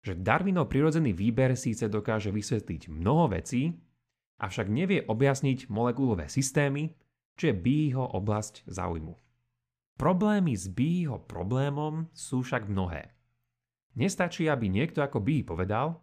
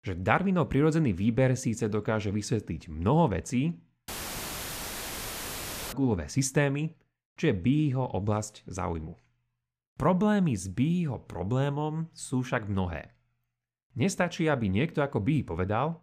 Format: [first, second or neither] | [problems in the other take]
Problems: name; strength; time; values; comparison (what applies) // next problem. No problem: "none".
first | audio cutting out; filled with static; at 4 s for 2 s